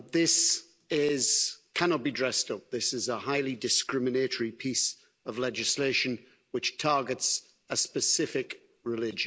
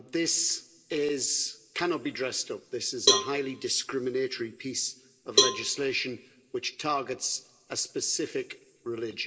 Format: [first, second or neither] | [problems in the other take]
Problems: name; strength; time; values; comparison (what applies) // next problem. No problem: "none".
first | background sound (Cowbell); 1 dB above the speech // room echo; dies away in 0.3 s